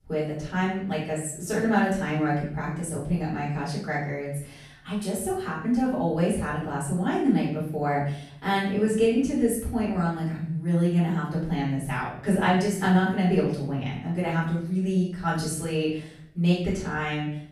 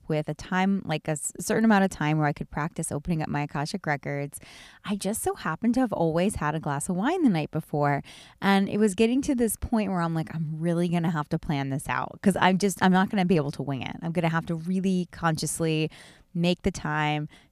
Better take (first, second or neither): second